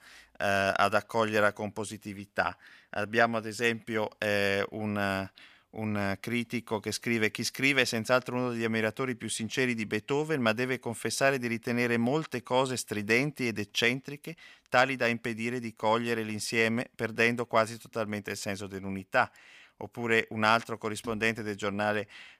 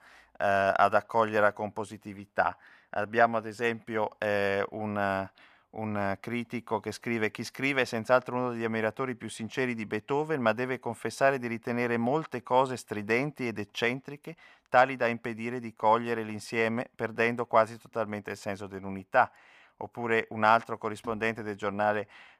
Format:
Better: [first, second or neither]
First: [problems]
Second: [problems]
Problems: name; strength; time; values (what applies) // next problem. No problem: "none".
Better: first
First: none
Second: muffled; slightly; fading above 2.5 kHz